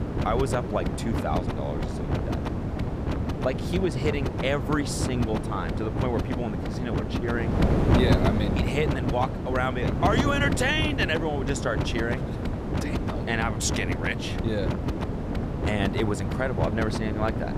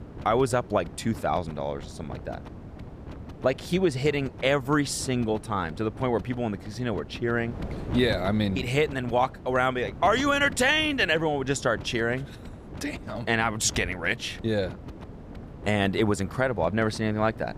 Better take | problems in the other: second | wind noise on the microphone; heavy; 4 dB below the speech; occasional gusts in the second

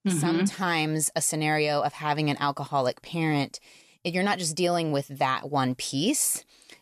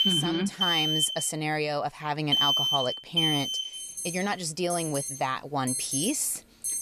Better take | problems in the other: first | alarms or sirens; very loud; throughout; 3 dB above the speech

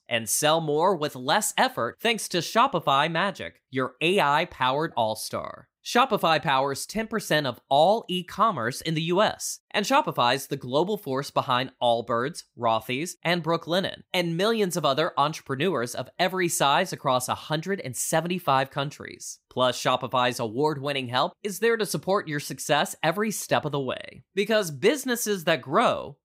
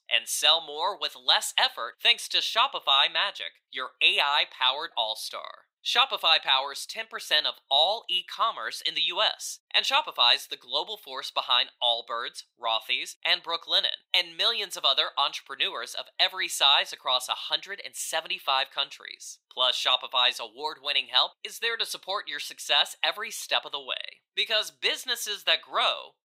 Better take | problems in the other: first | thin; very; fading below 800 Hz

